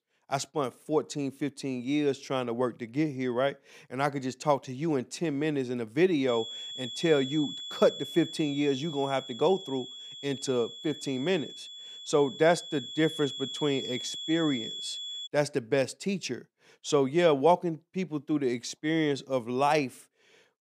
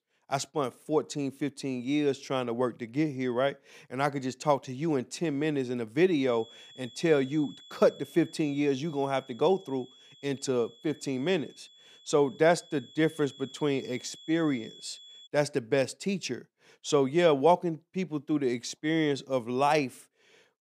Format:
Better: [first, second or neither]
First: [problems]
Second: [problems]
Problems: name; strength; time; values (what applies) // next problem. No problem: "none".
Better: second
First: high-pitched whine; loud; from 6.5 to 15 s; 3.5 kHz, 9 dB below the speech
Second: high-pitched whine; faint; from 6.5 to 15 s; 3.5 kHz, 20 dB below the speech